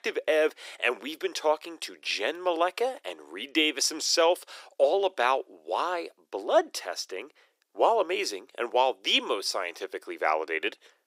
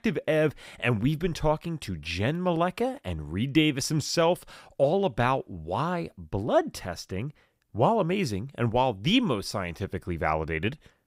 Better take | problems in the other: second | thin; very; fading below 350 Hz

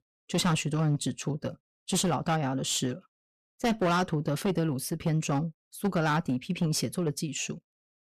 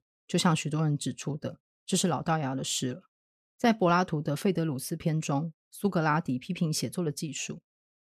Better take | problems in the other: second | distortion; slight; 9% of the sound clipped

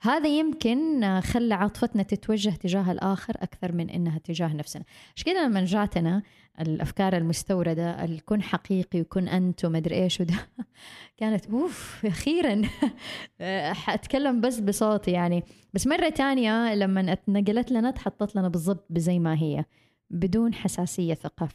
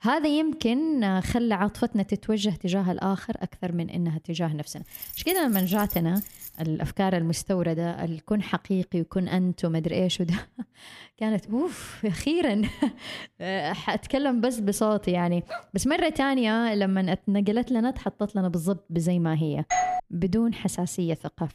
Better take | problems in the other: first | jangling keys; noticeable; from 5 to 6.5 s; peak 4 dB below the speech // dog barking; faint; at 15 s; peak 15 dB below the speech // doorbell; loud; at 20 s; peak 1 dB above the speech

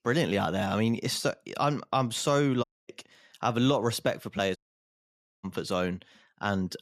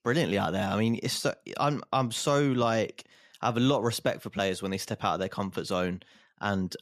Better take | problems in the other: second | audio cutting out; at 2.5 s and at 4.5 s for 1 s

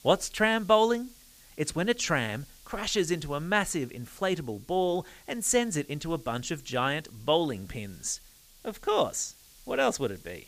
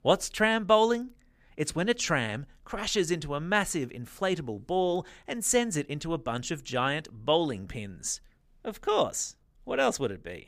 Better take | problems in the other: second | hiss; faint; throughout; 25 dB below the speech

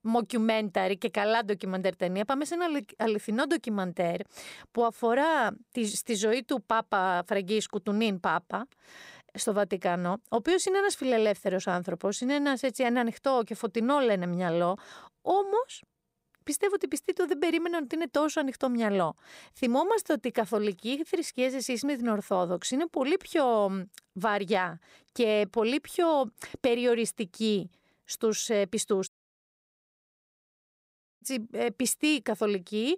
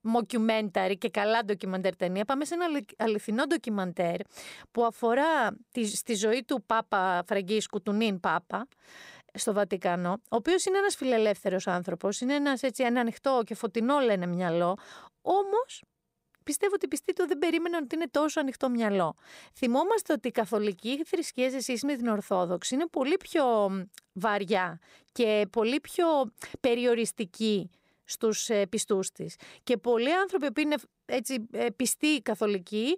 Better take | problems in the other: second | audio cutting out; at 29 s for 2 s

